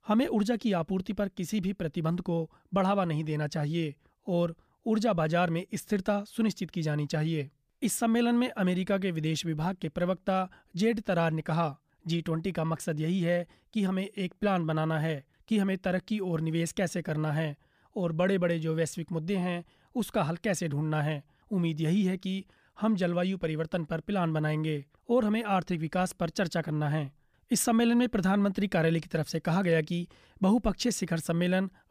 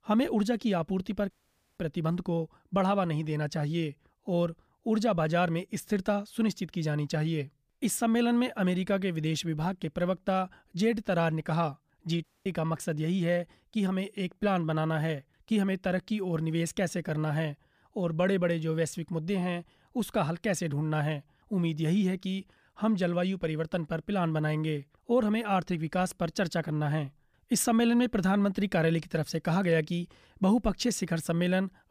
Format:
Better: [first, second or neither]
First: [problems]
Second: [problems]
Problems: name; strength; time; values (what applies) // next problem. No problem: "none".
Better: first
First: none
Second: audio cutting out; at 1.5 s and at 12 s